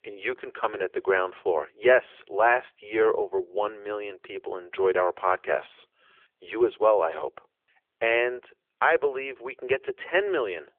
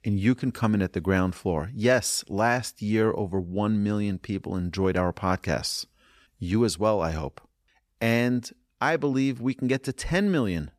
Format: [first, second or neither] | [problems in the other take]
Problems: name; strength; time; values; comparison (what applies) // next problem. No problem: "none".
second | phone-call audio